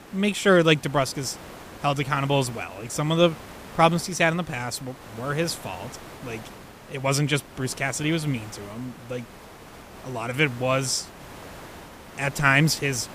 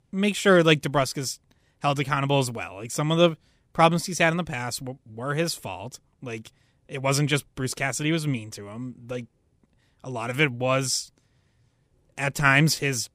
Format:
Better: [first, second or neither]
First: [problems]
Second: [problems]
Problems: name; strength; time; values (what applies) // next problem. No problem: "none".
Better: second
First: hiss; noticeable; throughout; 20 dB below the speech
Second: none